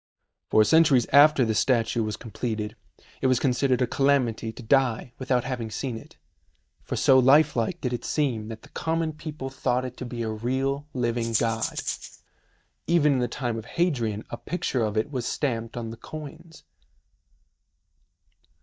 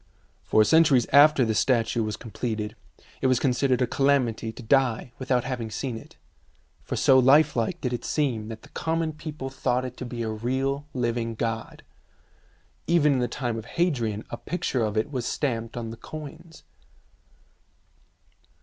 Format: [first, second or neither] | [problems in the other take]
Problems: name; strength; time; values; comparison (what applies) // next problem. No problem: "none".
second | noise reduction (neural mask model DeepFilterNet 3)